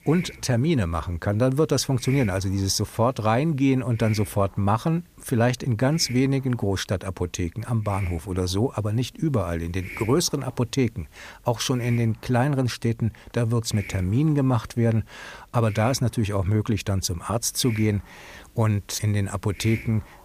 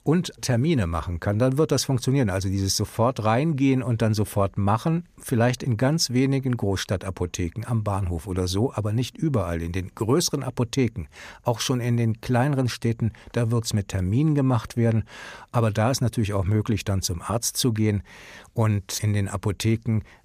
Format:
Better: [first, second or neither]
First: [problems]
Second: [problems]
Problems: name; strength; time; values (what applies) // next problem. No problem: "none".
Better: second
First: hiss; noticeable; throughout; 15 dB below the speech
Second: none